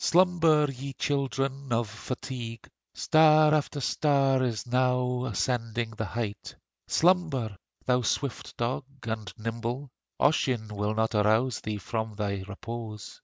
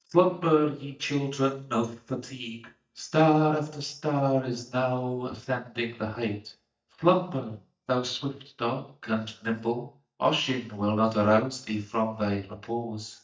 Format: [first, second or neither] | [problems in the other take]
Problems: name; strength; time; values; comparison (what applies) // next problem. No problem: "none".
first | noise reduction (neural mask model DeepFilterNet 3)